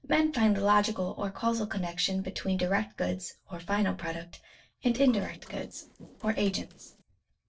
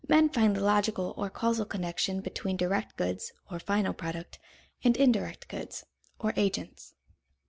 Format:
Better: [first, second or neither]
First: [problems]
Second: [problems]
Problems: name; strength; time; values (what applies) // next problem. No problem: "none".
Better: second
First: noise reduction (neural separator model SepFormer DNS4)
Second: none